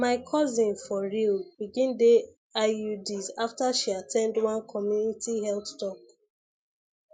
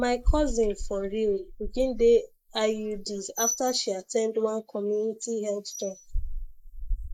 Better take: first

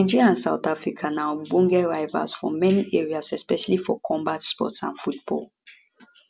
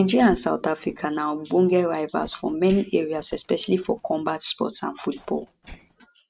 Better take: first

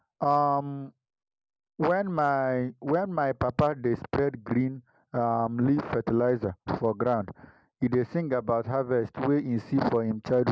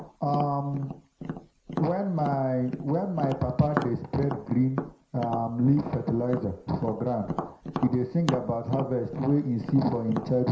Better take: first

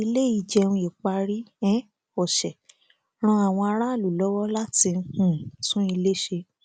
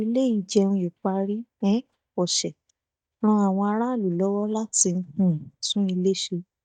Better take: first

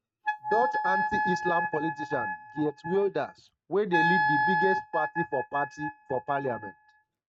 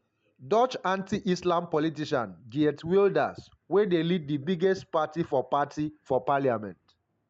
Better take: second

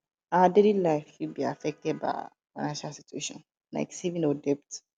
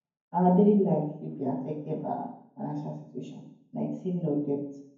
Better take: first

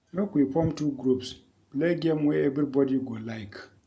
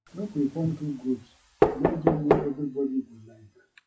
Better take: first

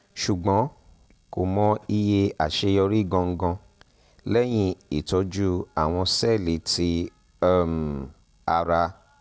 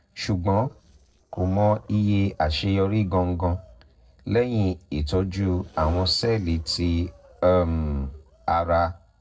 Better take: first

